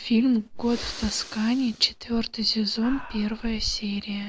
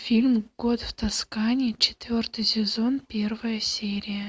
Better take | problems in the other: second | background sound (Breathing); 13 dB below the speech

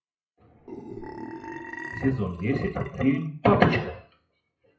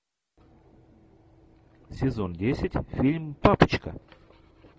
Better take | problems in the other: second | noise reduction (classical method WPE with log-MMSE)

